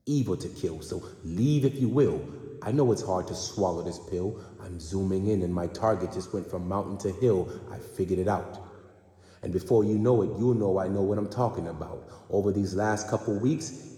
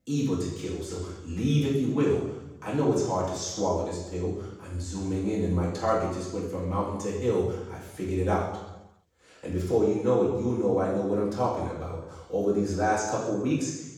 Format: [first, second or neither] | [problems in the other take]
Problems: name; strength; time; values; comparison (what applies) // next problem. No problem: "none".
first | room echo; strong; dies away in 0.9 s; slight in the first // off-mic speech; far